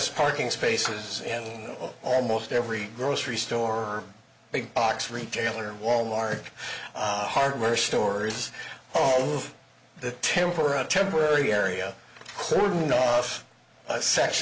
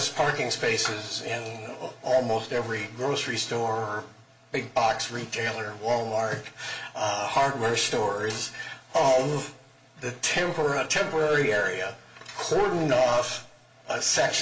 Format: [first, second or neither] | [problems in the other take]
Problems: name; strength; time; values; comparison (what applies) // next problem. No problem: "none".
first | room echo; dies away in 0.4 s